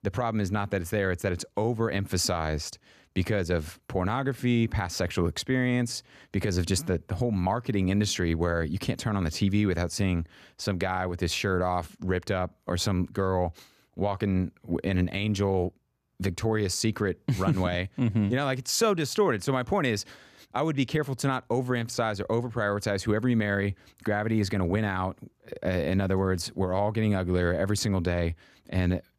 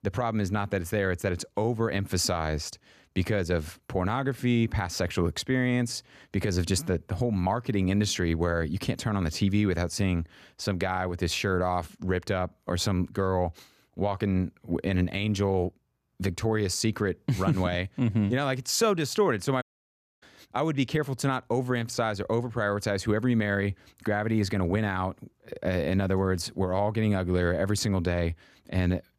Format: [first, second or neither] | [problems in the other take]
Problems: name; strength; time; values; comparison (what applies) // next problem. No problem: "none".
first | audio cutting out; at 20 s for 0.5 s